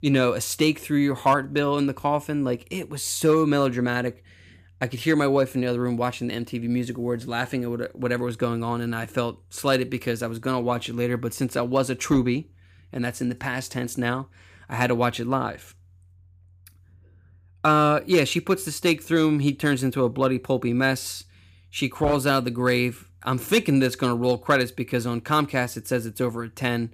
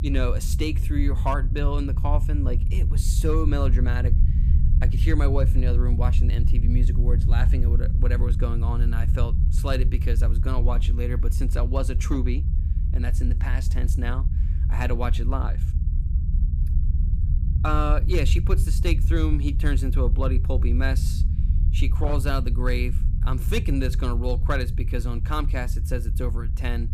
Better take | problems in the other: first | low rumble; loud; throughout; 9 dB below the speech

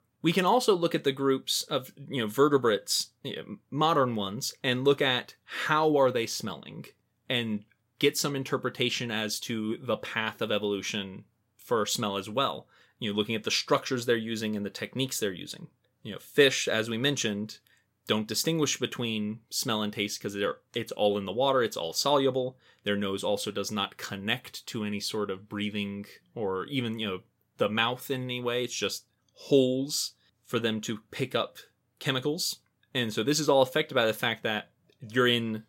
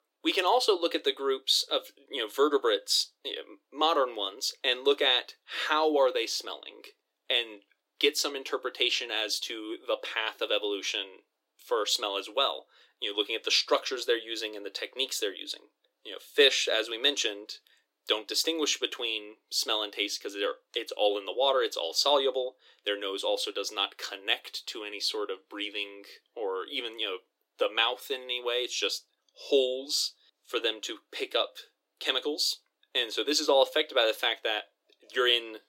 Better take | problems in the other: first | thin; somewhat; fading below 300 Hz

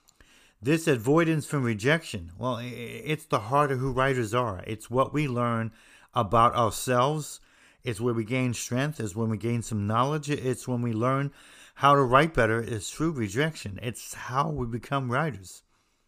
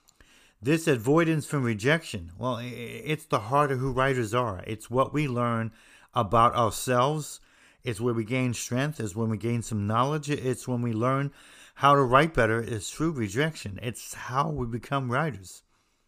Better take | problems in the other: neither | none

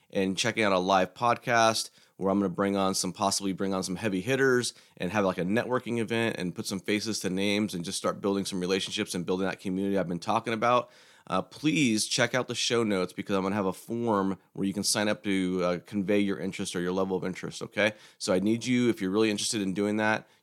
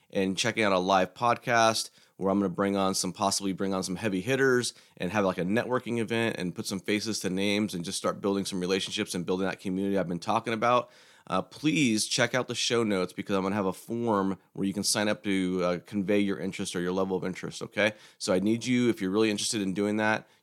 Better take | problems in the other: neither | none

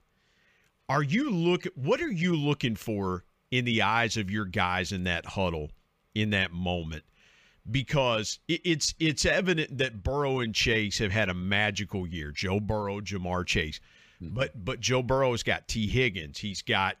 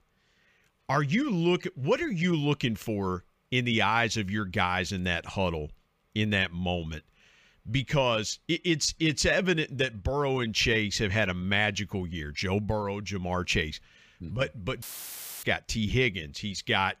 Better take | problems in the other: first | audio cutting out; filled with static; at 15 s for 0.5 s

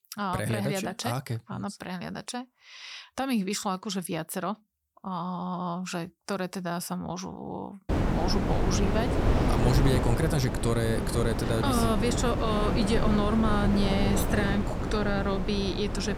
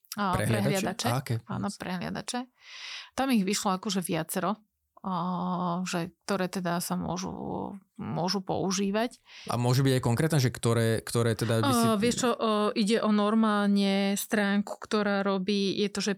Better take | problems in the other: second | wind noise on the microphone; heavy; from 8 s on; 1 dB below the speech

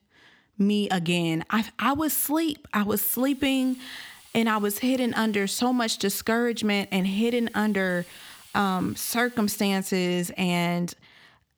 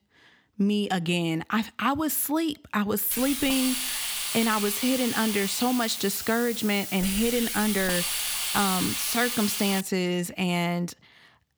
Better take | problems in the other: first | hiss; loud; from 3 to 10 s; 2 dB below the speech; faint in the first

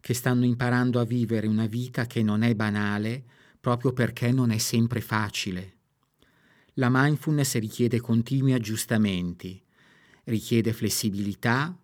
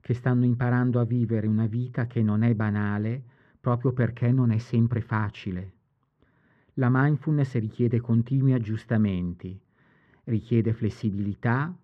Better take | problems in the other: first | muffled; very; fading above 1.5 kHz

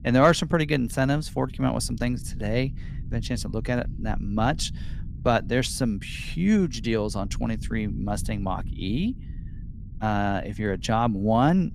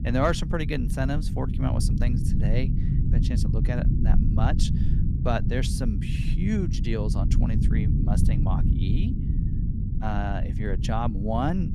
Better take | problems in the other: first | low rumble; loud; throughout; 6 dB below the speech; faint in the first

